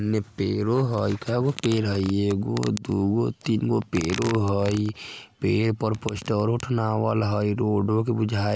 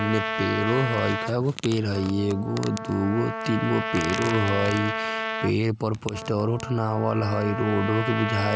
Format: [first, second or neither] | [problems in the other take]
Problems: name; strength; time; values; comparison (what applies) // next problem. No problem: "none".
first | background sound (Trumpet); 6 dB below the speech